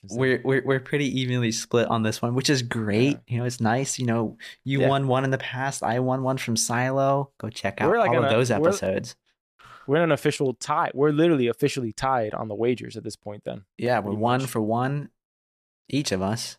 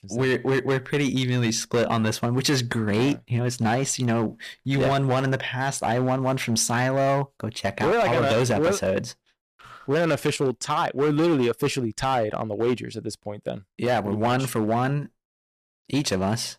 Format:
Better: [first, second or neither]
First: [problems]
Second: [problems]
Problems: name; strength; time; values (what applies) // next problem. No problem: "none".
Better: first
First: none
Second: distortion; slight; 10% of the sound clipped